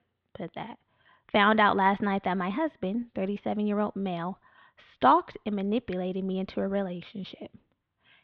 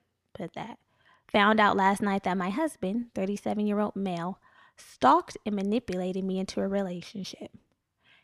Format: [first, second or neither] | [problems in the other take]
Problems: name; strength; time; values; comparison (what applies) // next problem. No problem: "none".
second | muffled; slightly; fading above 3.5 kHz